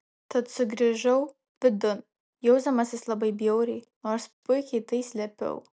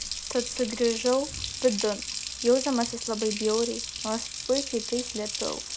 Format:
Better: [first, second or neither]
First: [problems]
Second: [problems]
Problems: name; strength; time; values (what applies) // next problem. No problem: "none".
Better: first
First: none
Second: background sound (Water tap, faucet); 6 dB below the speech